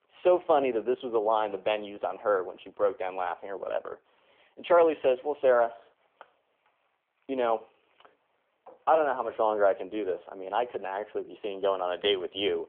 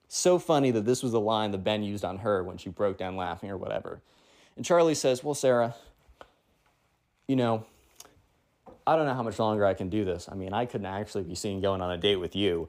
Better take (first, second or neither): second